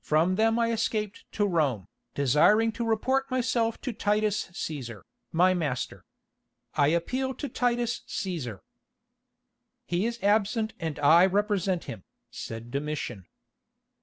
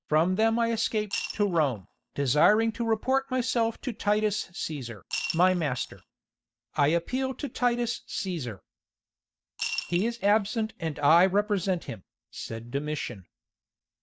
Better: first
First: none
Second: noise reduction (neural mask model DeepFilterNet 3)

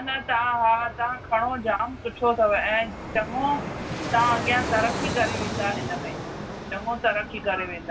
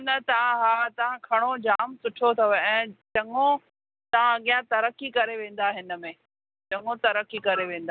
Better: second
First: background sound (Fixed-wing aircraft, airplane); 7 dB below the speech // room echo; dies away in 0.2 s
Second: none

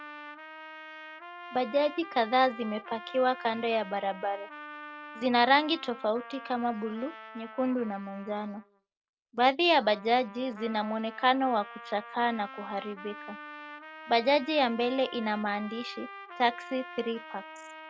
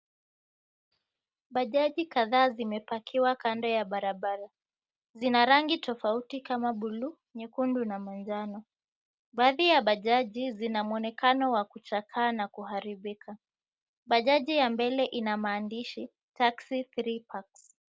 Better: second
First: background sound (Trumpet); 15 dB below the speech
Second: none

